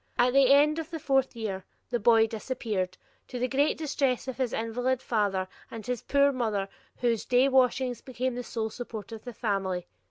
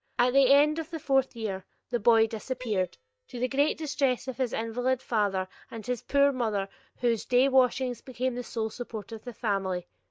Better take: first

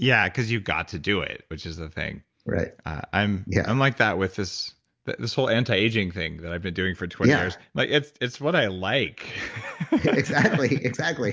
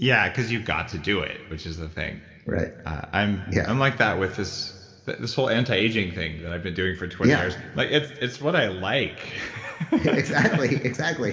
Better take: first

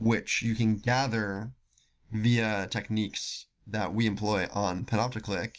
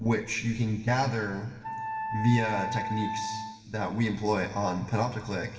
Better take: first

